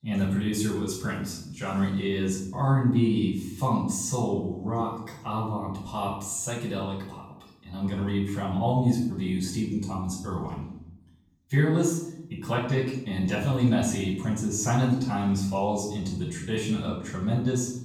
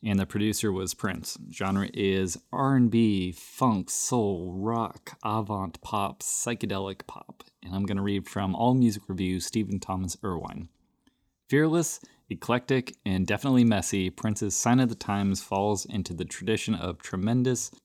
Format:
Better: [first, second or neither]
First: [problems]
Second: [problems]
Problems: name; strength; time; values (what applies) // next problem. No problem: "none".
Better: second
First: off-mic speech; far // room echo; noticeable; dies away in 0.6 s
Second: none